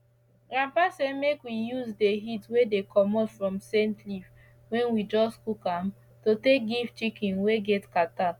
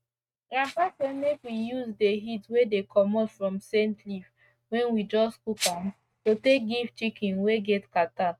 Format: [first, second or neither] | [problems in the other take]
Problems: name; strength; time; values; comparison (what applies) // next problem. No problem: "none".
first | noise reduction (neural mask model RNNoise)